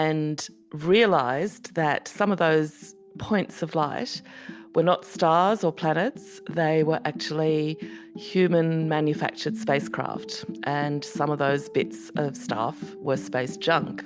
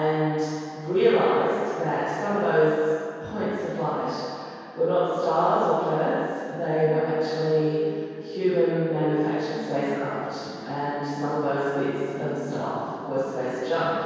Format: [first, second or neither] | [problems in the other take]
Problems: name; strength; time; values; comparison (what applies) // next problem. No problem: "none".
first | room echo; dies away in 2.2 s